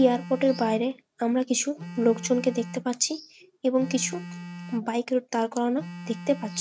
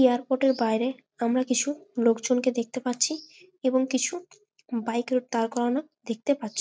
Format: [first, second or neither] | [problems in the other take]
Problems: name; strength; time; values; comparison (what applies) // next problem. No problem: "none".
second | background sound (Telephone); 14 dB below the speech